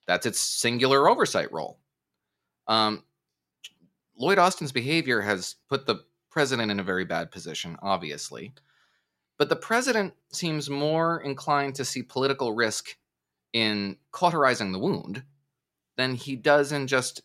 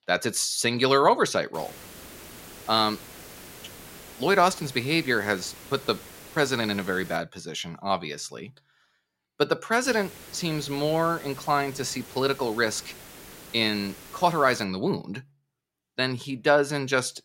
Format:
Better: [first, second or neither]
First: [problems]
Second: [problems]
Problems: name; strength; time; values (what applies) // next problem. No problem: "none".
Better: first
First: none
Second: hiss; noticeable; from 1.5 to 7 s and from 10 to 15 s; 20 dB below the speech